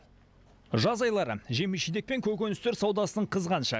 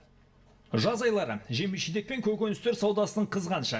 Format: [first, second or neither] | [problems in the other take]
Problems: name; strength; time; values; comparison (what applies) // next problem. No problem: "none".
first | room echo; dies away in 0.5 s